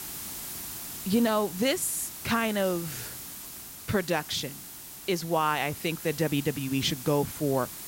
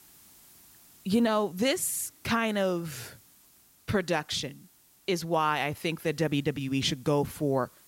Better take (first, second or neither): second